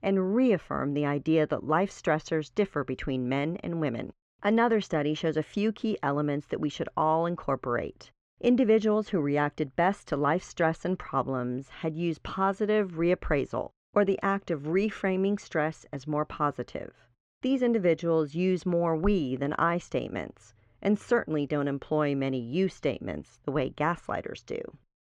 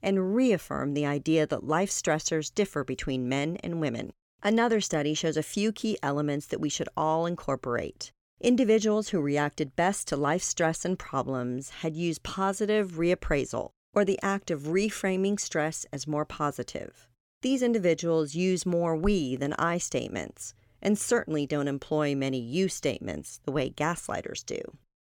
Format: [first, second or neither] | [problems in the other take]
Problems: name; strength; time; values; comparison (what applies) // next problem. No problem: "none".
second | muffled; very; fading above 2.5 kHz